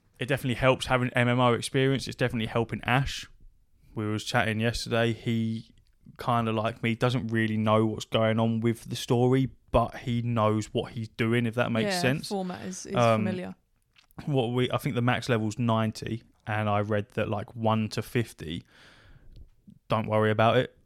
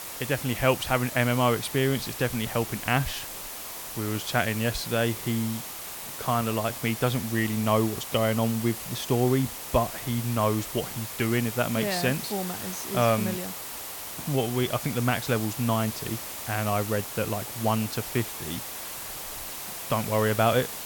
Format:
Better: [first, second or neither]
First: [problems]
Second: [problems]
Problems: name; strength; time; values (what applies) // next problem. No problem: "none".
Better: first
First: none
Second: hiss; loud; throughout; 7 dB below the speech